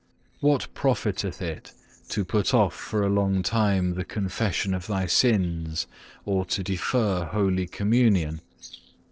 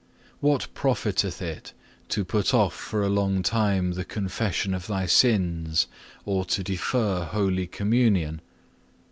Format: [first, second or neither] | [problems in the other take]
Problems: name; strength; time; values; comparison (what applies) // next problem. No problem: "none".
second | noise reduction (neural separator model SepFormer DNS4)